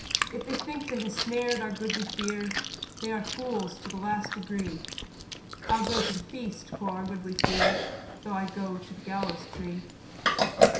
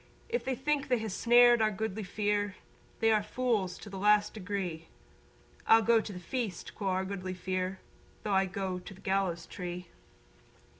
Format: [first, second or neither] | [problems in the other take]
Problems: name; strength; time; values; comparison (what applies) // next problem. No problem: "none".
second | background sound (Chewing, mastication); 1 dB above the speech // room echo; dies away in 0.7 s